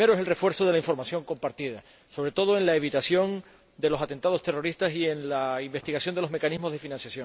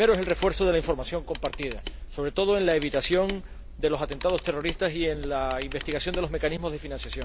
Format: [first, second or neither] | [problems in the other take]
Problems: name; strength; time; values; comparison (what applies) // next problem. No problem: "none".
first | background sound (Camera); 10 dB below the speech